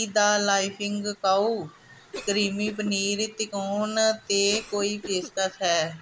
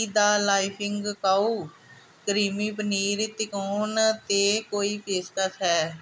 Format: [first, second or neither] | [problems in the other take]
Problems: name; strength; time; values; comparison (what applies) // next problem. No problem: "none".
second | background sound (Cough); 19 dB below the speech